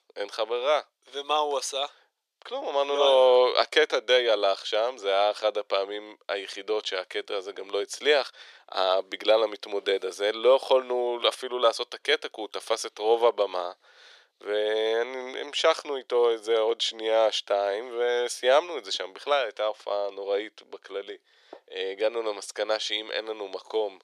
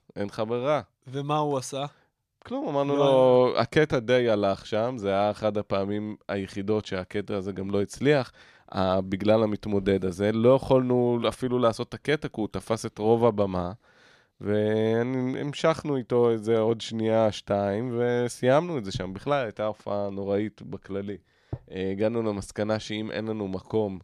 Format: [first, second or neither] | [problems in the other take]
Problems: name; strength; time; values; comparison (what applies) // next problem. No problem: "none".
second | thin; very; fading below 400 Hz